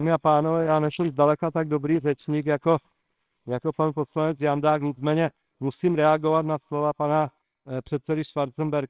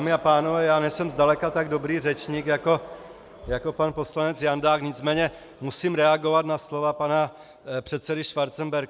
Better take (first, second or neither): second